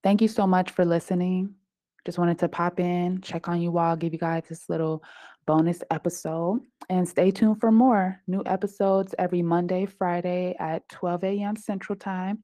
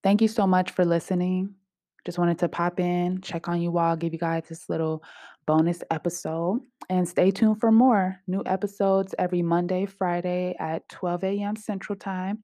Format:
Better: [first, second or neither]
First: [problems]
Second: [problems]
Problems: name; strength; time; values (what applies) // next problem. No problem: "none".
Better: second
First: garbled, watery; slightly; nothing above 14.5 kHz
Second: none